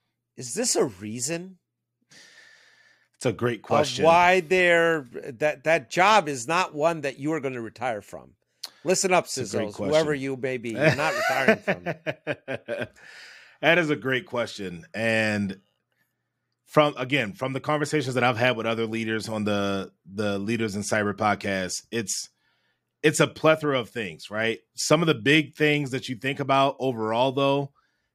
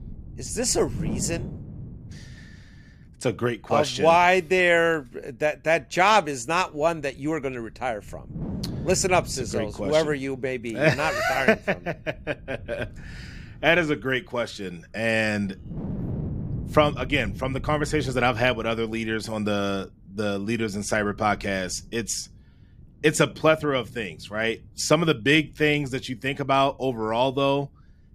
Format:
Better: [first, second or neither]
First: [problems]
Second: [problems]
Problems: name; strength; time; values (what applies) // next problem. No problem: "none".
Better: first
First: none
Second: wind noise on the microphone; occasional gusts; 20 dB below the speech